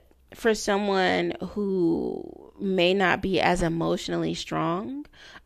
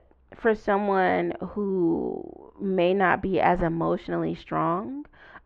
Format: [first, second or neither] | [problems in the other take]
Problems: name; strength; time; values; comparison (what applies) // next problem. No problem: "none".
first | muffled; very; fading above 1.5 kHz